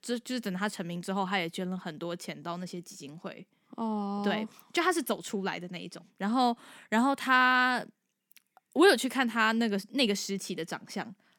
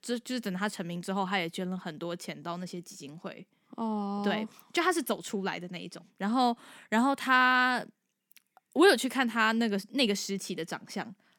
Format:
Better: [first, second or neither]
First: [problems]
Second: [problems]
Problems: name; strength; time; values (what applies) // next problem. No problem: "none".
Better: neither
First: none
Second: none